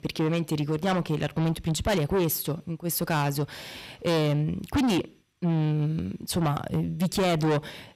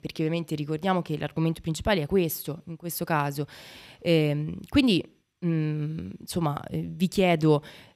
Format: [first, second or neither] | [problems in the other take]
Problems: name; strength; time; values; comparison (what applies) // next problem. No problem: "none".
second | distortion; heavy; 6 dB below the speech